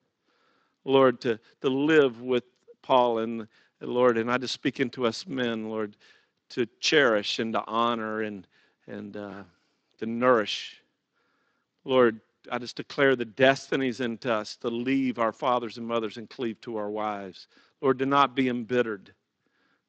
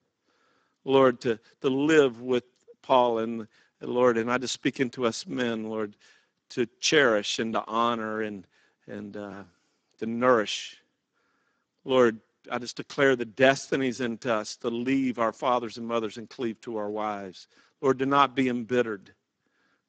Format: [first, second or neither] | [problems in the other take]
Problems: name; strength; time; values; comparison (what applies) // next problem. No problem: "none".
first | garbled, watery; badly; nothing above 7.5 kHz; slightly in the first